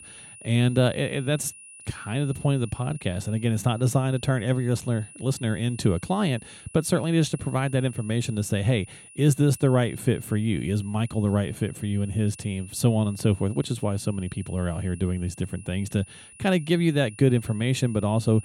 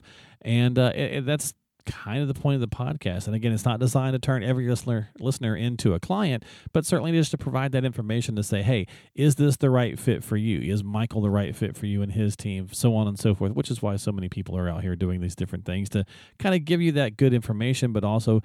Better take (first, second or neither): second